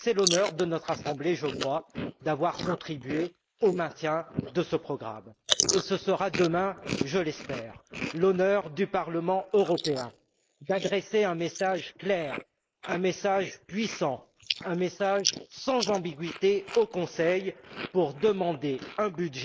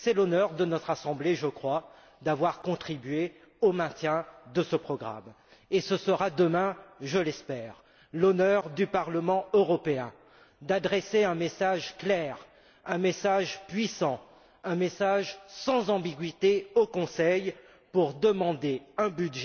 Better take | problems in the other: second | noise reduction (neural mask model Resemble Enhance denoiser)

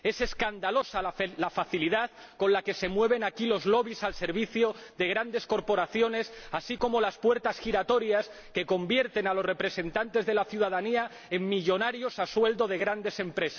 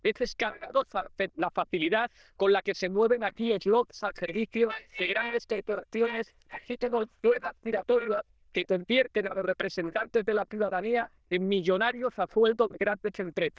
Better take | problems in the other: first | noise reduction (neural diffusion model UNIVERSE++)

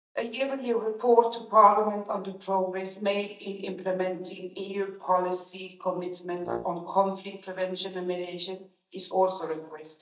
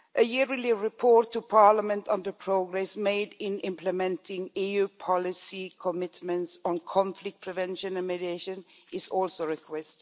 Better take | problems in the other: second | noise reduction (neural mask model DeepFilterNet 3)

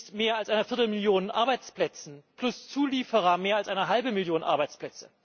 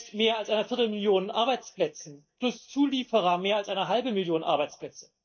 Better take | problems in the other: first | noise reduction (neural mask model DeepFilterNet 3)

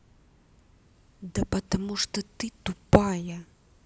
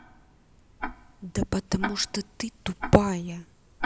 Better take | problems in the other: first | background sound (Tick-tock); 10 dB below the speech

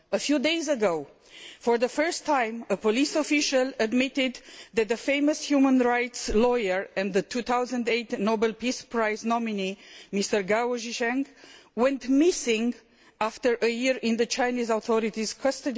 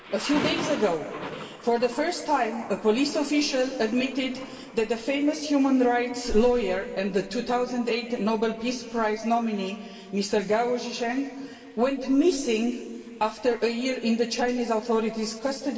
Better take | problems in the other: first | background sound (Thunder); 17 dB below the speech // room echo; dies away in 2.2 s

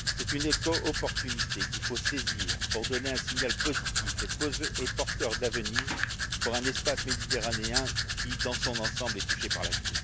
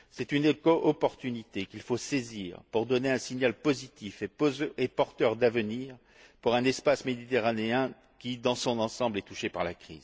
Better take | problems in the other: second | background sound (Domestic sounds, home sounds); 4 dB above the speech

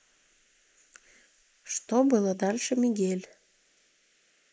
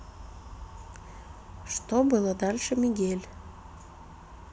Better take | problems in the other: second | noise reduction (neural mask model Resemble Enhance denoiser)

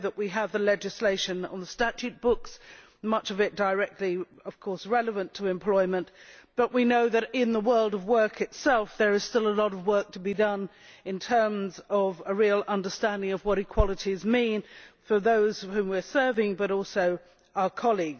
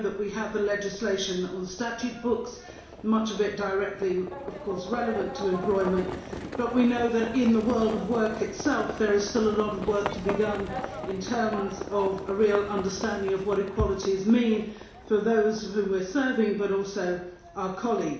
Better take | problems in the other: first | background sound (Livestock, farm animals, working animals); 12 dB below the speech // room echo; dies away in 0.7 s

